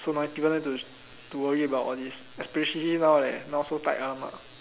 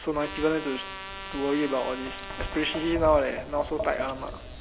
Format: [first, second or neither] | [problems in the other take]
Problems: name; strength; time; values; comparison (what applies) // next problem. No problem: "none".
first | background sound (Tap + Trumpet); 8 dB below the speech